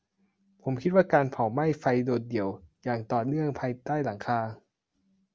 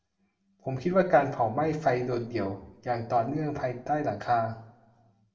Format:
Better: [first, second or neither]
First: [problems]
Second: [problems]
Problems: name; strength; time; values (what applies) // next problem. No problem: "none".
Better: first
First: none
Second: room echo; dies away in 0.5 s